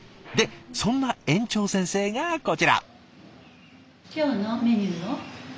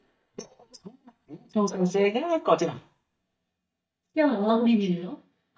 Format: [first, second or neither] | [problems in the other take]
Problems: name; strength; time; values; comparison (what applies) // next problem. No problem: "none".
first | noise reduction (neural mask model DeepFilterNet 3)